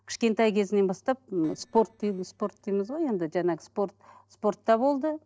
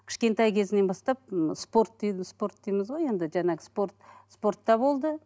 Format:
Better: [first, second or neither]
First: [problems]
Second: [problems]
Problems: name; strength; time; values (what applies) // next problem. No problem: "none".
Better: second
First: noise reduction (neural separator model SepFormer DNS4)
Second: none